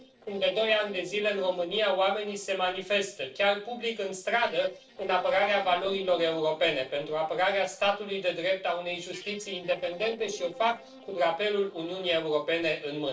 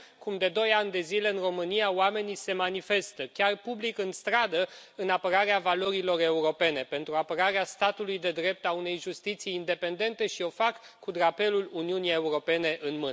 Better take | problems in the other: second | noise reduction (neural separator model SepFormer DNS4)

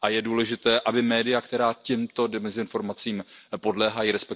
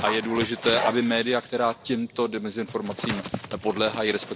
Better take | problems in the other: first | background sound (Dog); 9 dB below the speech

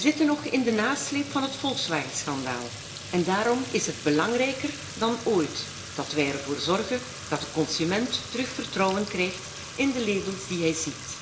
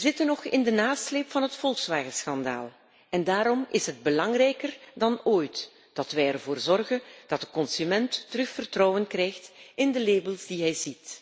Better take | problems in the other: second | background sound (Fill (with liquid) / Trickle, dribble / Sink (filling or washing)); 12 dB below the speech // room echo; dies away in 0.9 s

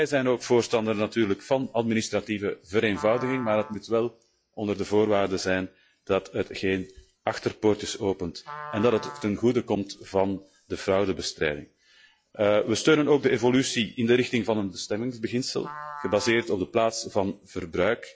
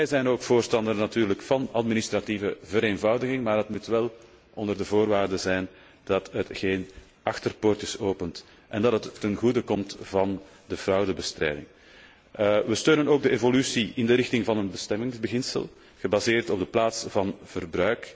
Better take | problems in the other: second | noise reduction (classical method log-MMSE)

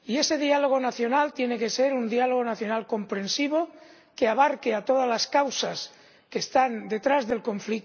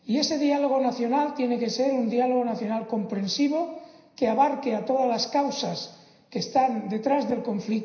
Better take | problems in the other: first | room echo; dies away in 0.9 s

